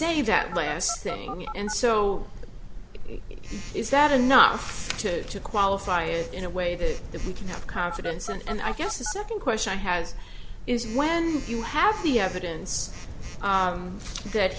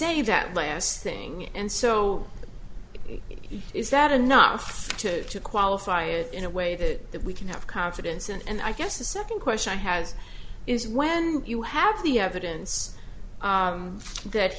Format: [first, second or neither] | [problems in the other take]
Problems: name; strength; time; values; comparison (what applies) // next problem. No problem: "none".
second | background sound (Telephone); 15 dB below the speech